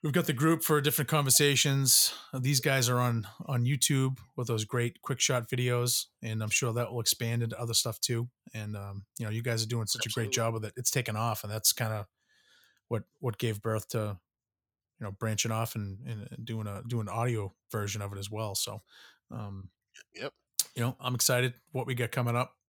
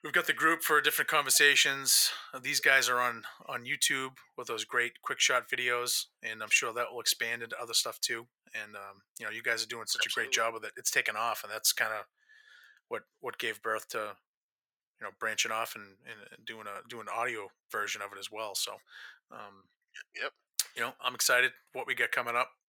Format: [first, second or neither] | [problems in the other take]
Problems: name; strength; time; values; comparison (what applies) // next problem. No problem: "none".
first | thin; very; fading below 500 Hz